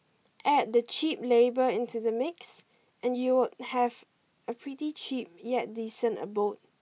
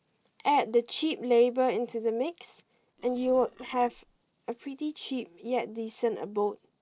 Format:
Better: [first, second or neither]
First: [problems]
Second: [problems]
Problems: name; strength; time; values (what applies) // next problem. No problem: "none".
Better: first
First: none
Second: noise reduction (neural separator model SepFormer DNS4)